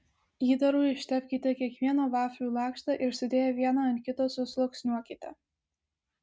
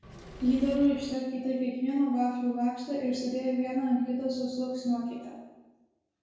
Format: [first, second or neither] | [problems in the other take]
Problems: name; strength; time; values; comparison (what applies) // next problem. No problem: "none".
first | background sound (Engine / Mechanisms); 16 dB below the speech // room echo; dies away in 0.9 s